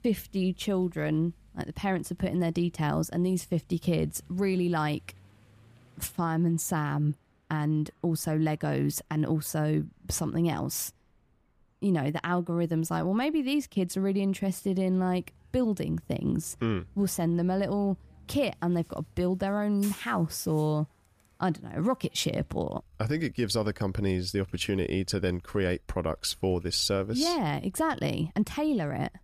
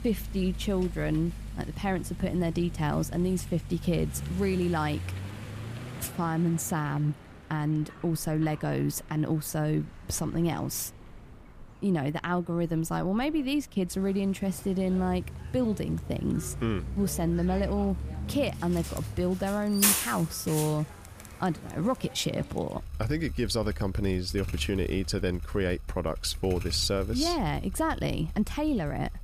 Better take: first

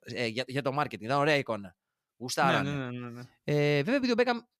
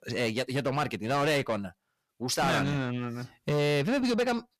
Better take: first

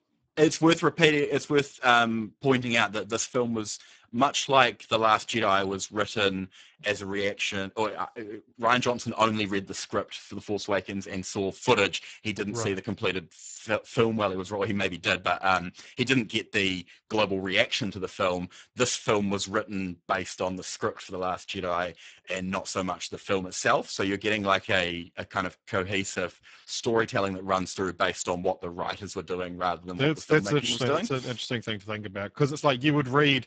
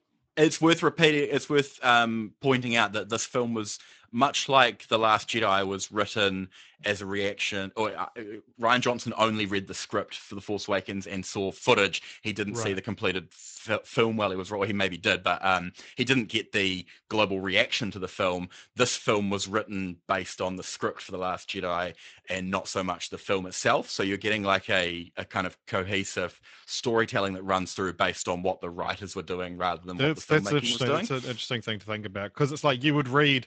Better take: second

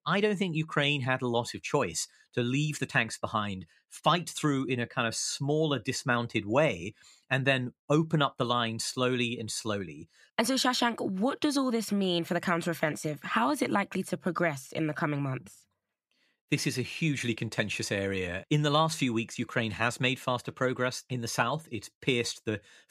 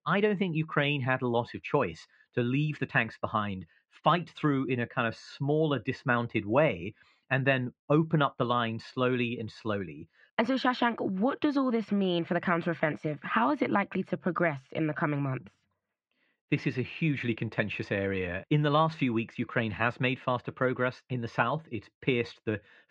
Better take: first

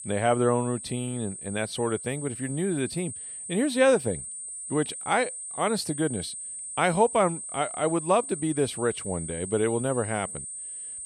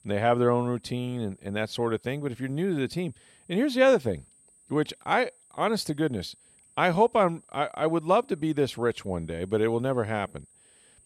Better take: second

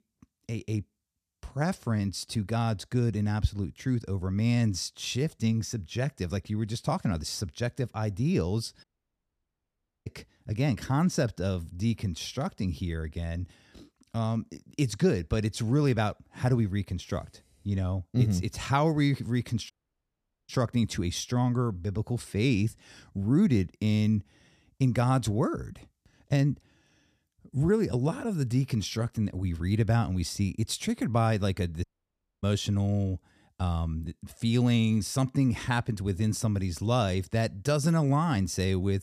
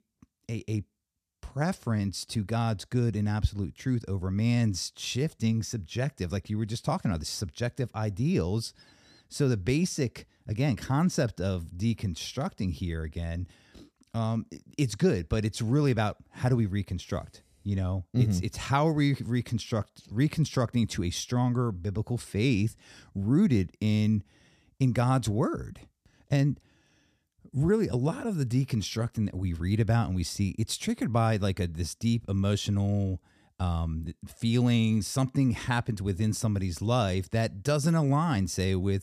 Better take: second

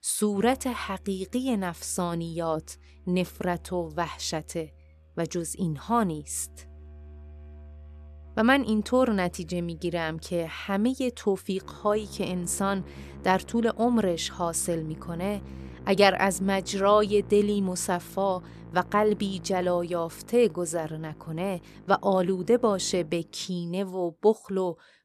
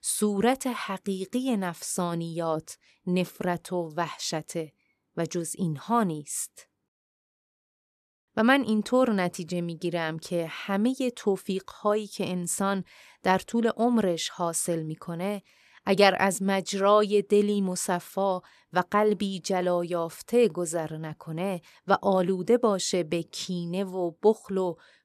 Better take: second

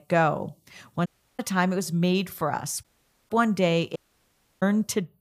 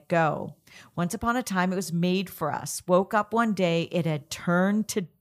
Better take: second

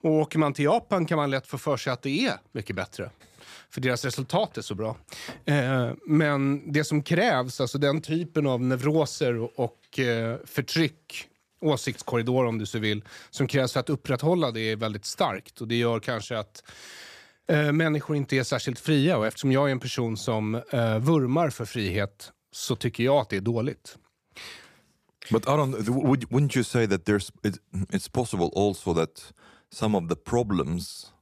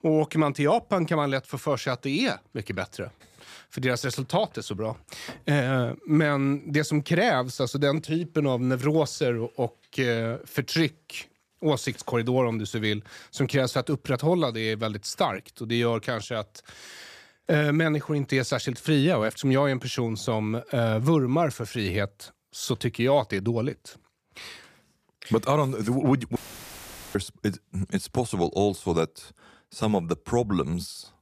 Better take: first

